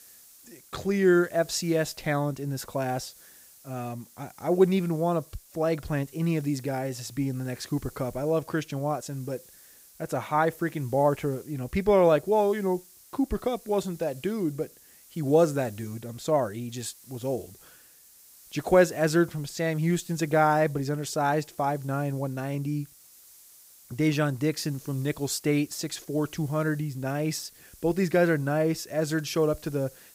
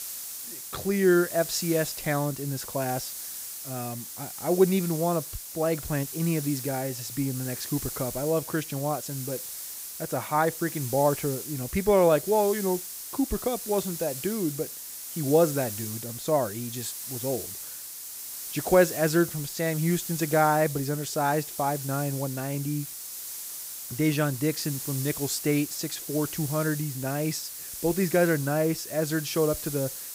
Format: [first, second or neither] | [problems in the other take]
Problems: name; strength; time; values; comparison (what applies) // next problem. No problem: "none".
first | hiss; loud; throughout; 7 dB below the speech; faint in the first